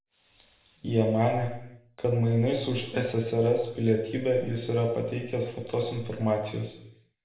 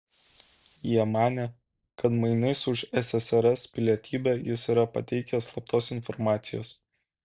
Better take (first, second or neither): second